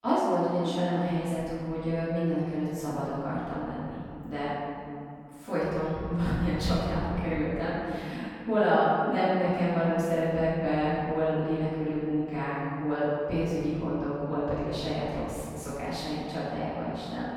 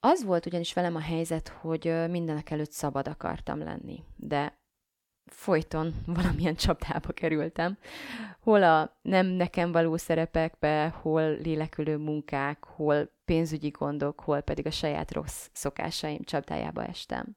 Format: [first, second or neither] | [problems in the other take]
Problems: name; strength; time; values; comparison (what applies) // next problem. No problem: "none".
second | room echo; strong; dies away in 2.5 s // off-mic speech; far